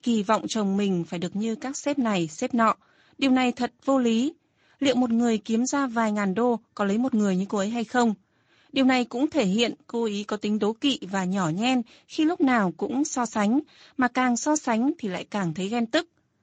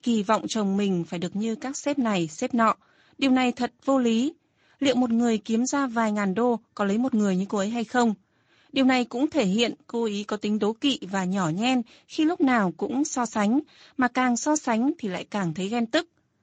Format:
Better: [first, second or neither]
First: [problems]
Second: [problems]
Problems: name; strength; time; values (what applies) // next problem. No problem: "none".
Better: neither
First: garbled, watery; slightly; nothing above 7.5 kHz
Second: garbled, watery; slightly; nothing above 7.5 kHz